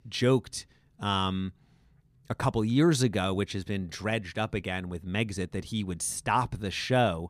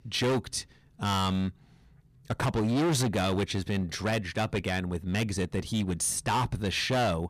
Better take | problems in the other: first | distortion; heavy; 15% of the sound clipped

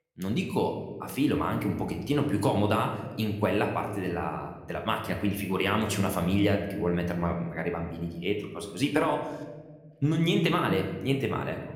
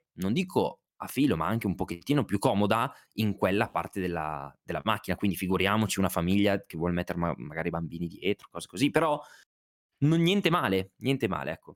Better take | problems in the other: second | room echo; slight; dies away in 1 s

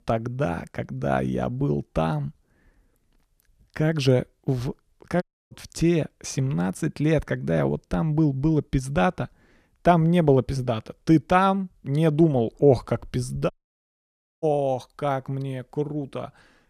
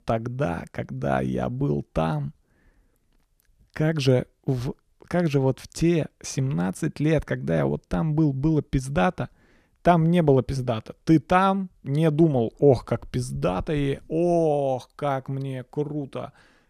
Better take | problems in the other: second | audio cutting out; at 5 s and at 14 s for 1 s

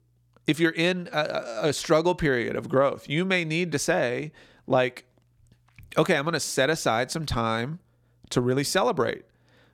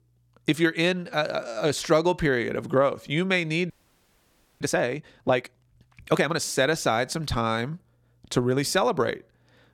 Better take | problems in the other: first | audio freezing; at 3.5 s for 1 s

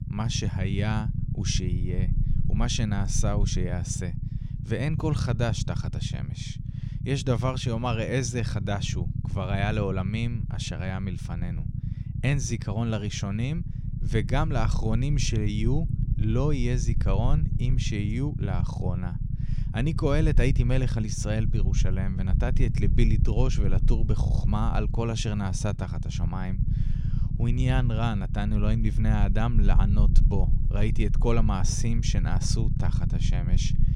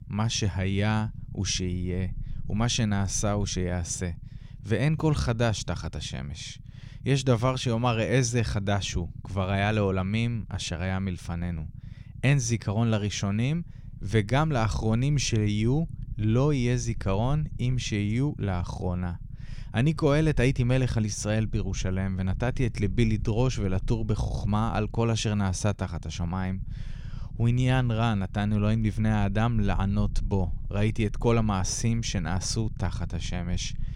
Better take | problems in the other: second | low rumble; loud; throughout; 9 dB below the speech; faint in the second

